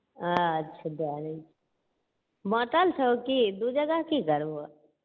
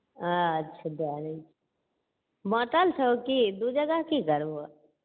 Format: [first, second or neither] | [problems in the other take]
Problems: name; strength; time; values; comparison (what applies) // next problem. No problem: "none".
second | background sound (Fireworks); 16 dB below the speech